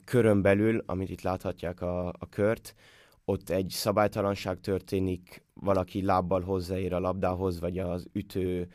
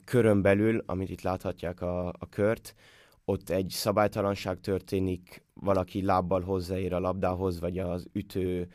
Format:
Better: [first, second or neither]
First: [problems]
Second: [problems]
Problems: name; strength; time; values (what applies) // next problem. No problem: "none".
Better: neither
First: none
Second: none